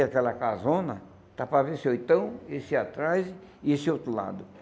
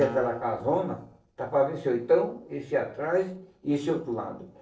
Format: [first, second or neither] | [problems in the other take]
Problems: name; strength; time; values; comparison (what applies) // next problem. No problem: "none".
first | noise reduction (neural separator model SepFormer DNS4)